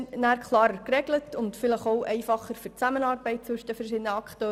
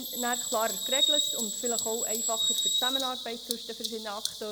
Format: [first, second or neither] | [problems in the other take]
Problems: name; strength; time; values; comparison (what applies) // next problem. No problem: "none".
first | background sound (Bird vocalization, bird call, bird song); 4 dB above the speech